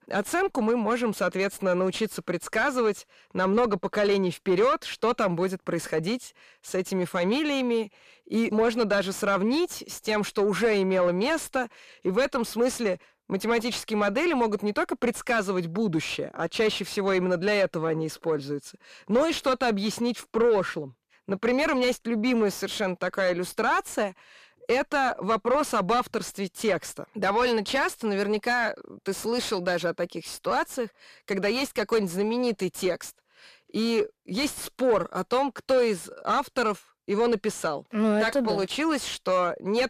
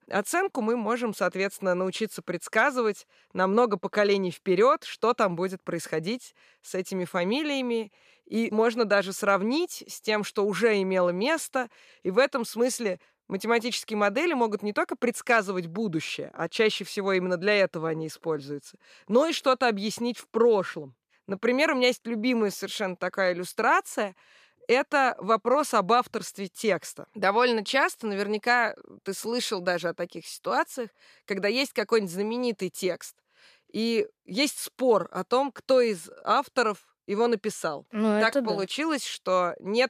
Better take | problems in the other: second | distortion; slight; 10 dB below the speech

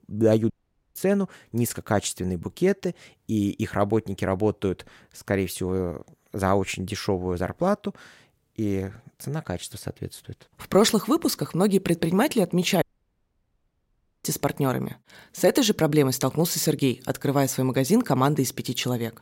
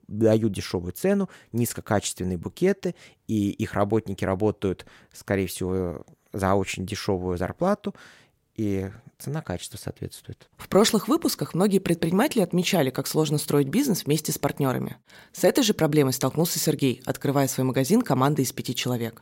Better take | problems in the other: second | audio cutting out; at 0.5 s and at 13 s for 1.5 s

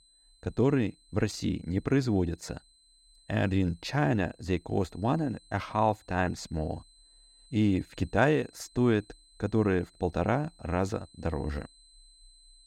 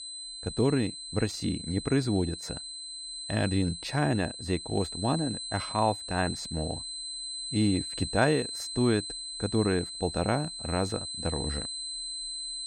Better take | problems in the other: first | high-pitched whine; loud; throughout; 4 kHz, 6 dB below the speech; faint in the first

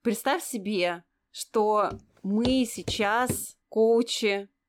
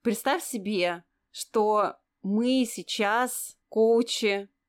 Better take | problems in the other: second | footsteps; noticeable; from 2 to 3.5 s; peak 10 dB below the speech

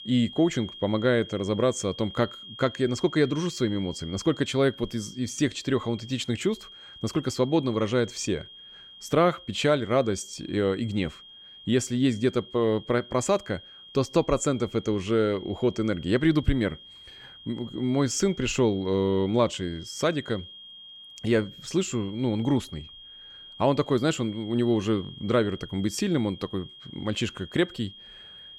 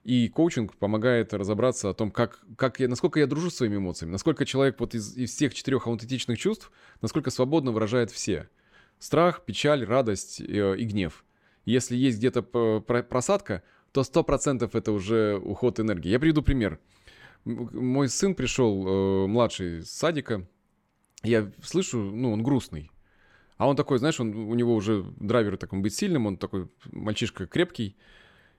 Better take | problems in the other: second | high-pitched whine; noticeable; throughout; 3 kHz, 15 dB below the speech

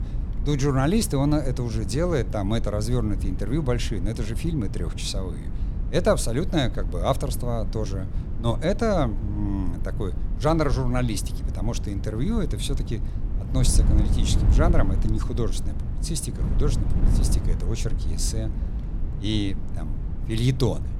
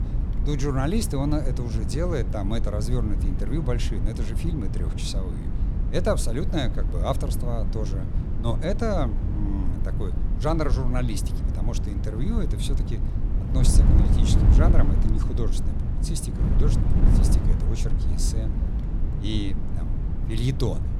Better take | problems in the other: first | wind noise on the microphone; heavy; 6 dB below the speech; occasional gusts in the first

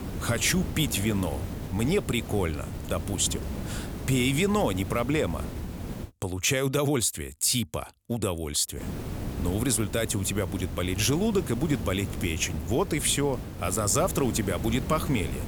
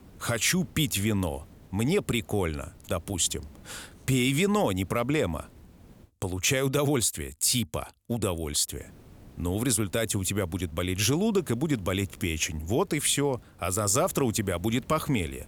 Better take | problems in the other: second | hiss; loud; until 6 s and from 9 s on; 9 dB below the speech; faint in the second

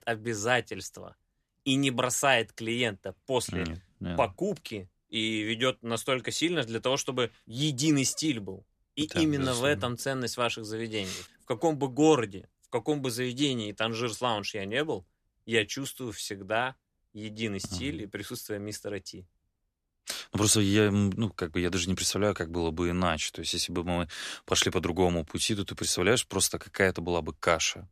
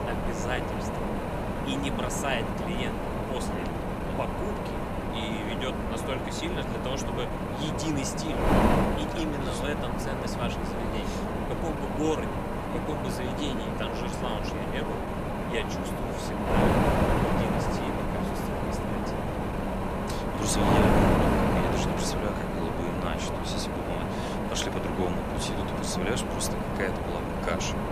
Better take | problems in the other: first | wind noise on the microphone; heavy; 5 dB above the speech

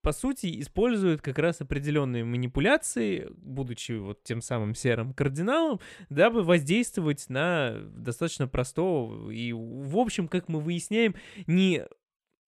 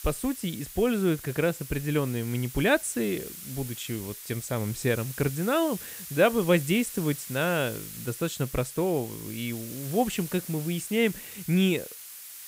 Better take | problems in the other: first | hiss; noticeable; throughout; 10 dB below the speech

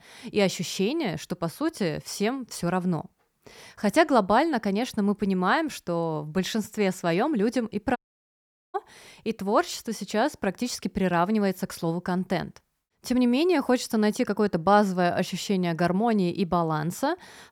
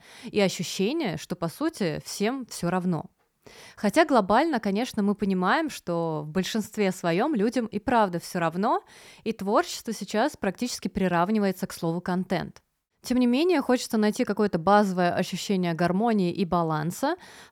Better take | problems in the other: second | audio cutting out; at 8 s for 1 s

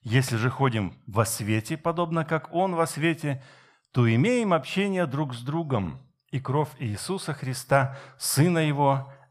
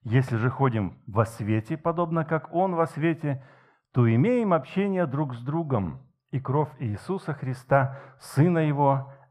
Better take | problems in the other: first | muffled; very; fading above 2.5 kHz

